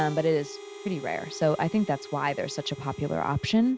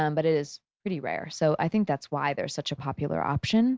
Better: second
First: background sound (Harmonica); 15 dB below the speech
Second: none

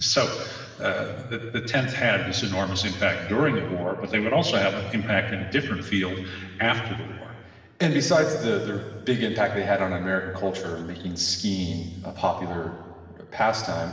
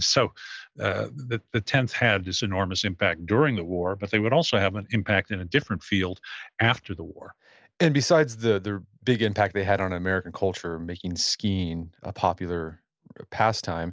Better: second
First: room echo; dies away in 2.3 s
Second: none

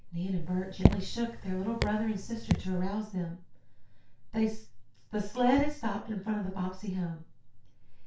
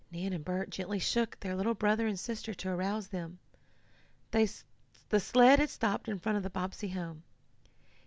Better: second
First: background sound (Raindrop / Drip); 1 dB above the speech // room echo; dies away in 0.3 s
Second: none

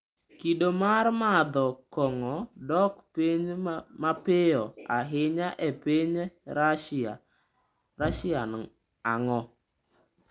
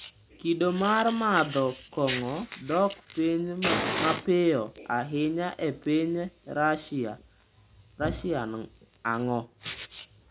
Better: first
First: none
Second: background sound (Fire); 11 dB below the speech

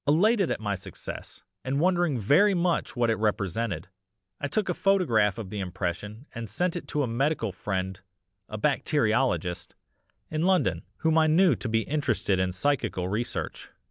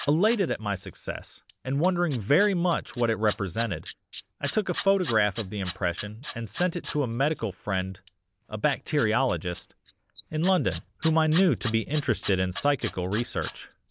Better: first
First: none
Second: noise reduction (neural mask model Resemble Enhance denoiser)

